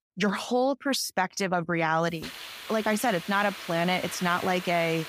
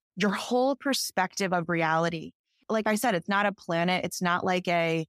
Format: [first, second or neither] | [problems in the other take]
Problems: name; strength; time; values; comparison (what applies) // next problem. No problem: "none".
second | hiss; noticeable; from 2 s on; 10 dB below the speech